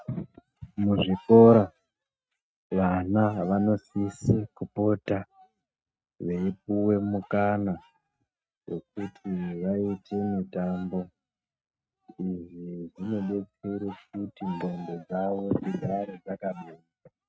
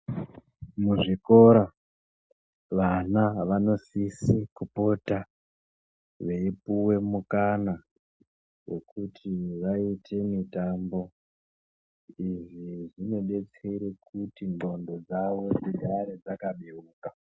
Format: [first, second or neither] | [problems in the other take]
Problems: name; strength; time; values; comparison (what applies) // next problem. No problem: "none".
second | noise reduction (neural mask model RNNoise)